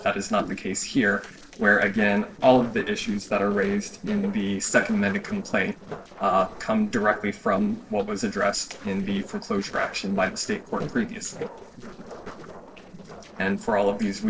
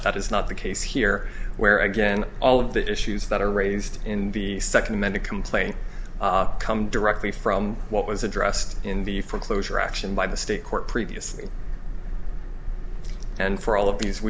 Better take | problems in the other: second | noise reduction (neural separator model SepFormer DNS4)

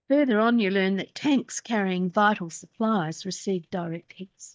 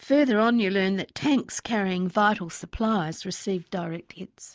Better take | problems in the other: second | noise reduction (neural mask model DeepFilterNet 3)

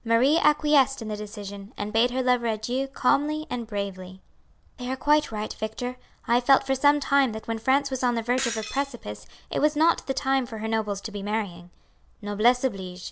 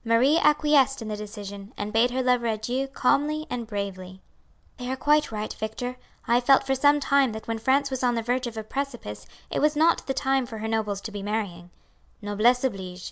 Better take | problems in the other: second | background sound (Shatter); 13 dB below the speech

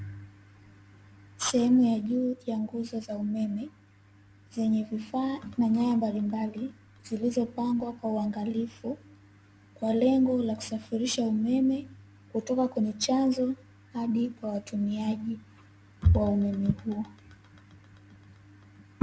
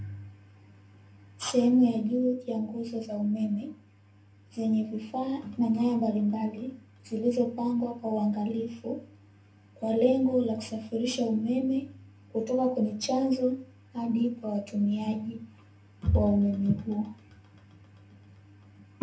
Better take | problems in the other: first | room echo; dies away in 0.3 s

